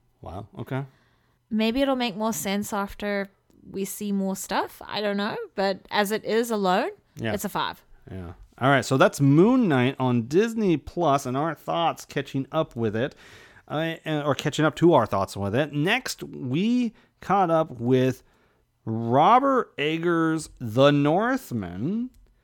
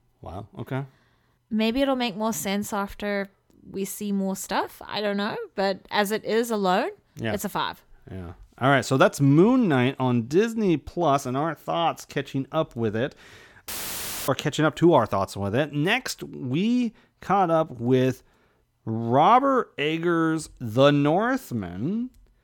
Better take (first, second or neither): first